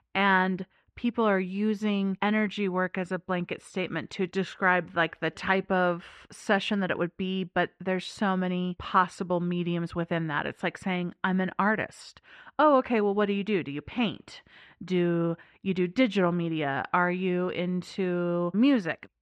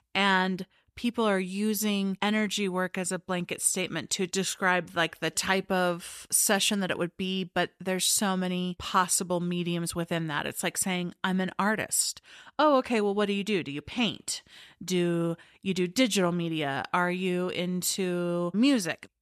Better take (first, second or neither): second